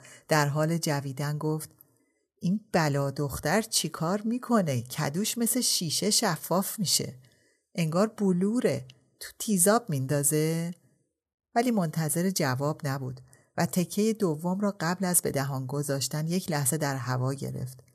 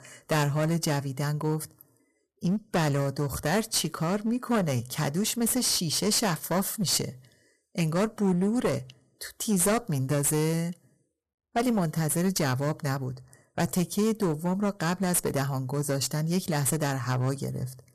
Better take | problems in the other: first | distortion; slight; 10% of the sound clipped

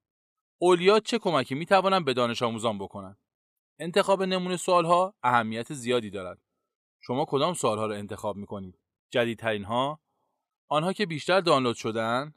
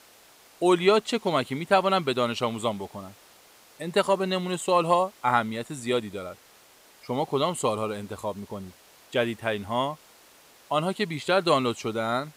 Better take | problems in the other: first | hiss; faint; throughout; 25 dB below the speech

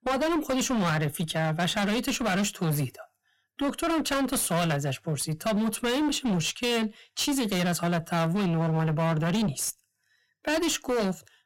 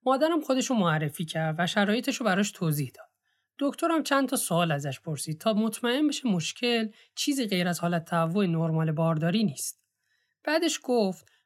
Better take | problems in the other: second | distortion; heavy; 26% of the sound clipped

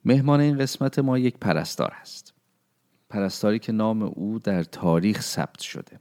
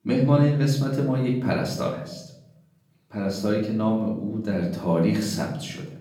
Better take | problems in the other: first | off-mic speech; far // room echo; noticeable; dies away in 0.9 s

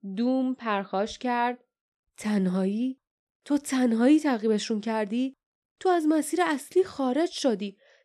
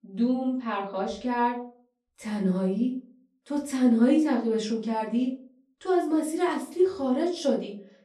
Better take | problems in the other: first | off-mic speech; far // room echo; slight; dies away in 0.4 s

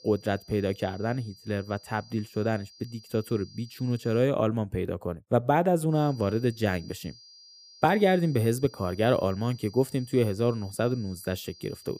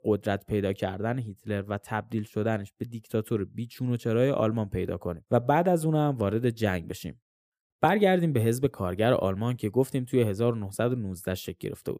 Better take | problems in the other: second | high-pitched whine; faint; until 4 s and from 6 s on; 4.5 kHz, 20 dB below the speech

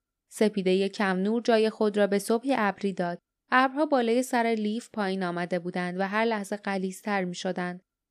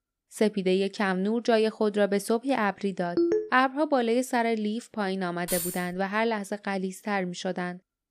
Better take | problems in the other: first | phone ringing; loud; at 3 s; peak 1 dB above the speech // jangling keys; noticeable; at 5.5 s; peak 3 dB below the speech

